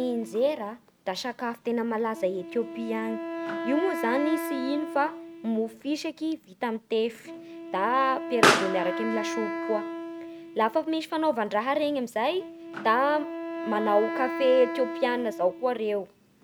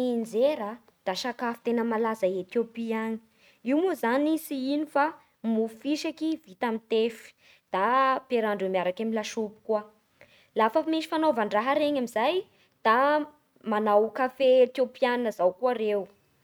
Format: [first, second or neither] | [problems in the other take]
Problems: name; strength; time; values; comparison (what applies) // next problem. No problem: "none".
second | background sound (Wind instrument, woodwind instrument + Explosion); 6 dB below the speech